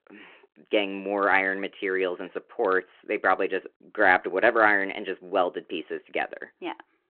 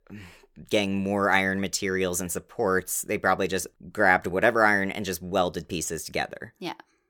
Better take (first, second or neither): second